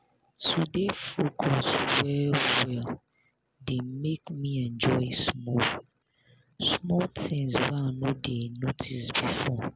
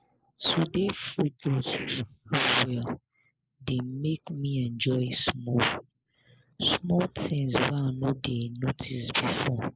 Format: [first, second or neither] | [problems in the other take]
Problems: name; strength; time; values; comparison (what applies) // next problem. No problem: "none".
first | noise reduction (neural mask model Resemble Enhance denoiser)